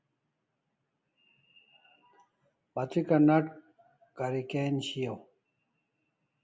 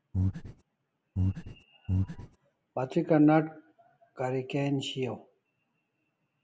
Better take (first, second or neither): first